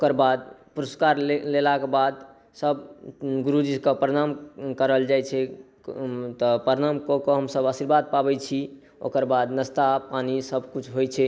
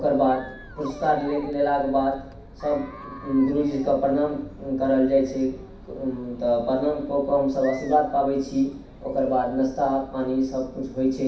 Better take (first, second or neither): first